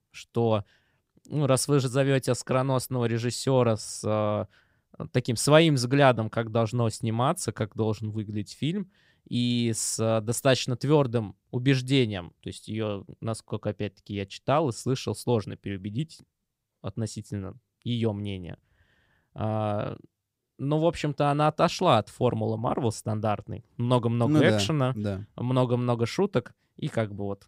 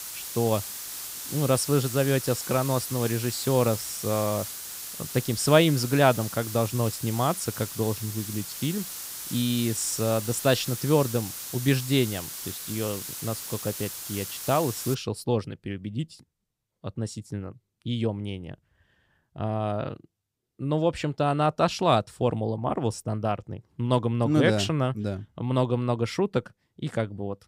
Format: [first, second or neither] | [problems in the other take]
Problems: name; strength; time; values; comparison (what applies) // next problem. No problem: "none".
first | hiss; loud; until 15 s; 7 dB below the speech